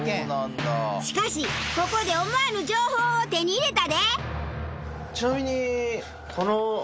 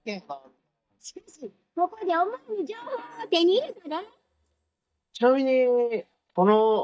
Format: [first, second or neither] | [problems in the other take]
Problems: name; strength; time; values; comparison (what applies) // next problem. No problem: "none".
first | noise reduction (neural mask model DeepFilterNet 3)